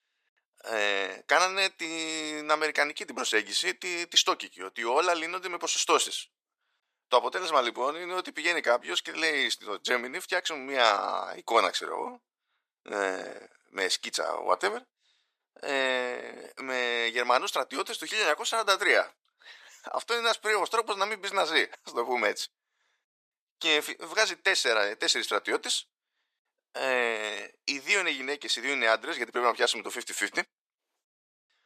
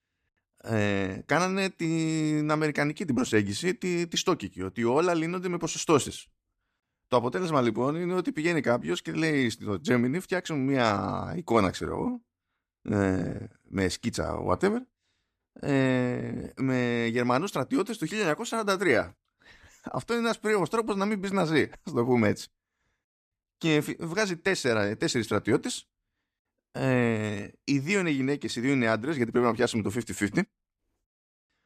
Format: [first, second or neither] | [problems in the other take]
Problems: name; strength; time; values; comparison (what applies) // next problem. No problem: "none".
second | thin; very; fading below 550 Hz